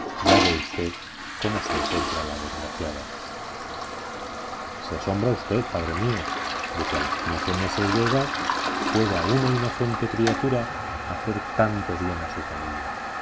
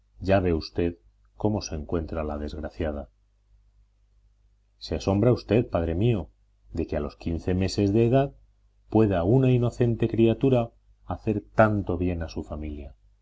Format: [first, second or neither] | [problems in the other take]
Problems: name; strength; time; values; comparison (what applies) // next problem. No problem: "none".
second | background sound (Toilet flush); as loud as the speech